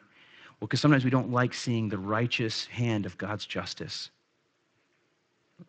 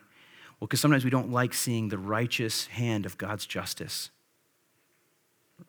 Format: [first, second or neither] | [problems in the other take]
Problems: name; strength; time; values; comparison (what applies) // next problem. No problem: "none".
second | garbled, watery; slightly; nothing above 8 kHz